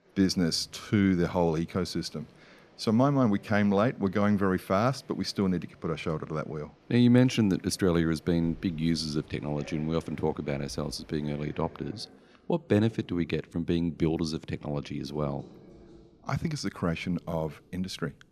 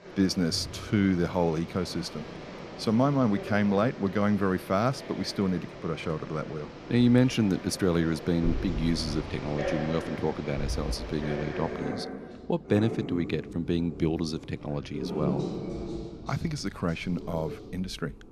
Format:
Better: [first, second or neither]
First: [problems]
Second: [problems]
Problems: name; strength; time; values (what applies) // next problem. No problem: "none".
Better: first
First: animal sounds; faint; throughout; 25 dB below the speech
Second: animal sounds; loud; throughout; 10 dB below the speech